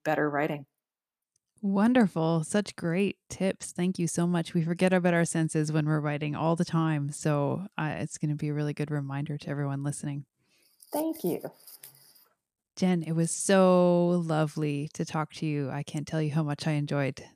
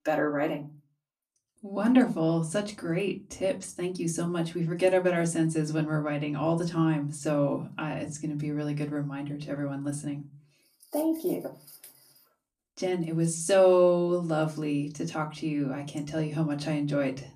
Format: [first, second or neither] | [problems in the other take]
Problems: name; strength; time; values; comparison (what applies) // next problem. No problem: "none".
first | off-mic speech; far // room echo; very slight; dies away in 0.2 s